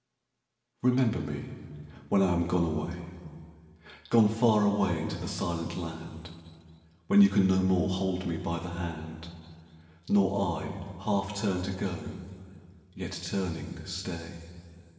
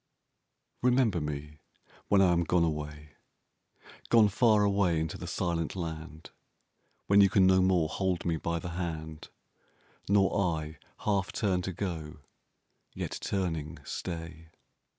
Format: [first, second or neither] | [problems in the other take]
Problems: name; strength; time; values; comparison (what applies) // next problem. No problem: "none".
second | room echo; dies away in 2.2 s